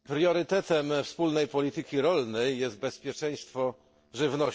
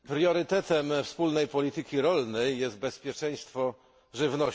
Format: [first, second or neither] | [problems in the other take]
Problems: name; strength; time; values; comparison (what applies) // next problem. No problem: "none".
second | noise reduction (neural separator model SepFormer DNS4)